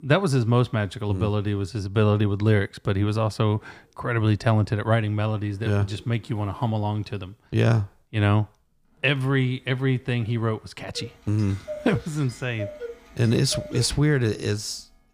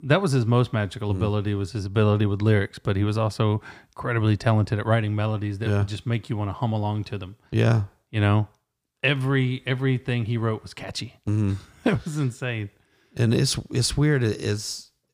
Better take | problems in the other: second | household noises; noticeable; from 3 s on; 15 dB below the speech

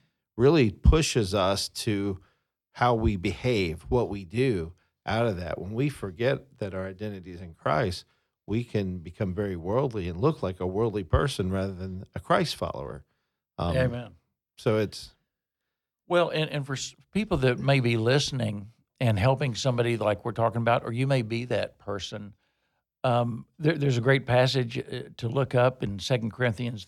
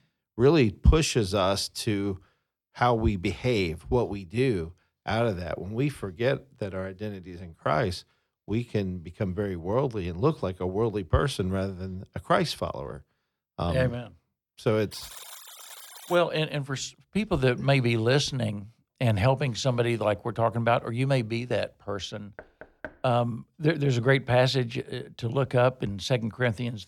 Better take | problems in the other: first | alarm; faint; from 15 to 16 s; peak 15 dB below the speech // door banging; faint; at 22 s; peak 15 dB below the speech

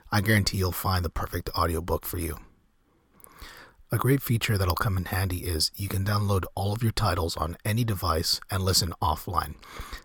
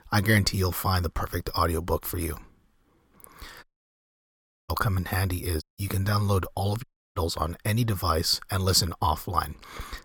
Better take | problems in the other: first | audio cutting out; at 3.5 s for 1 s, at 5.5 s and at 7 s

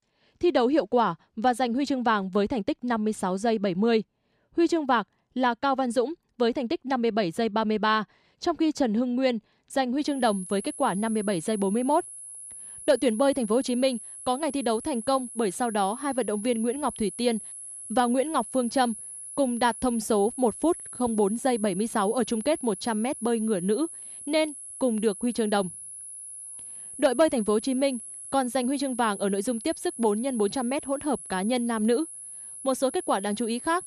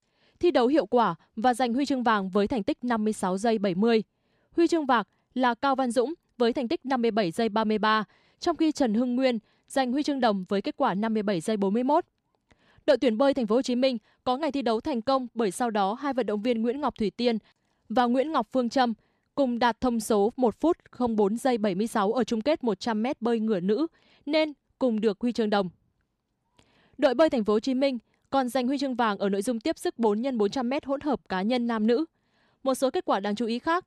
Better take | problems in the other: second | high-pitched whine; noticeable; from 10 s on; 10.5 kHz, 10 dB below the speech

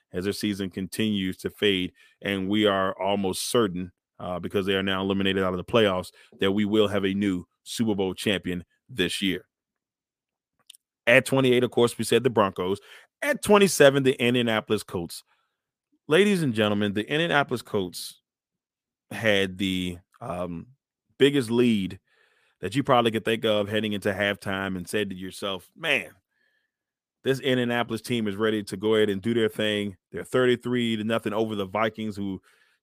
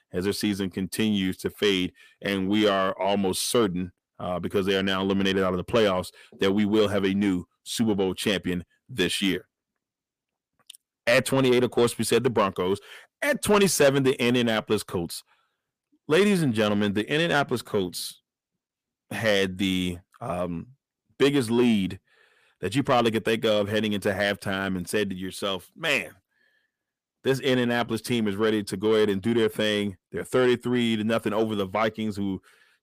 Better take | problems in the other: first | distortion; slight; 10 dB below the speech

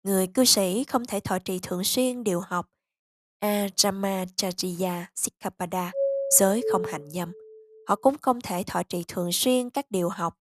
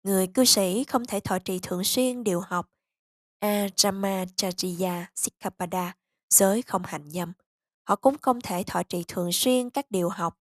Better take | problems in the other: second | doorbell; noticeable; from 6 to 7 s; peak 1 dB below the speech

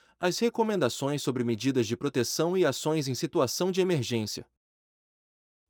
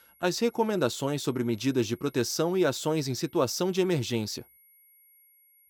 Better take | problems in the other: first | high-pitched whine; faint; throughout; 11.5 kHz, 30 dB below the speech

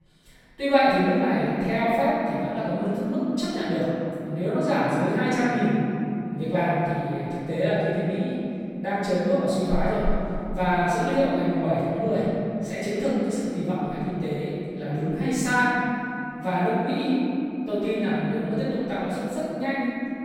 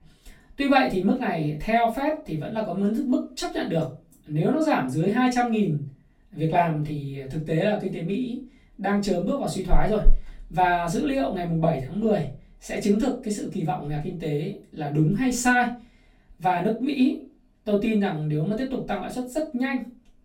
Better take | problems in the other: second | room echo; strong; dies away in 3 s; slight in the second // off-mic speech; far; far in the second

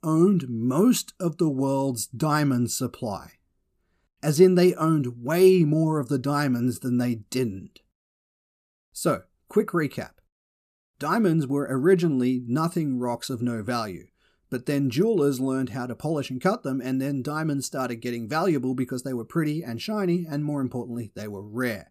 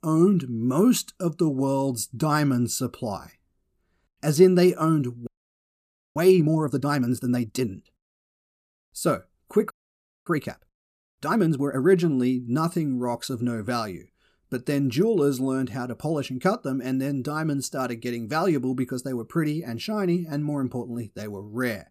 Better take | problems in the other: first | audio freezing; at 5.5 s for 1 s and at 9.5 s for 0.5 s

